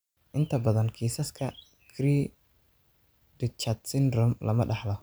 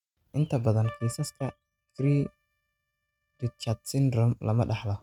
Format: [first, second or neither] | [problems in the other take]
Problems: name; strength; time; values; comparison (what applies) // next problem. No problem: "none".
first | noise reduction (neural mask model RNNoise)